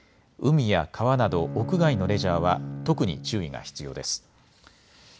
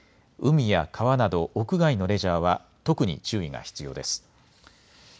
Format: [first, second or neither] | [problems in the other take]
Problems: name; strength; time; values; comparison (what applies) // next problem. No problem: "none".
second | background sound (Bowed string instrument); 9 dB below the speech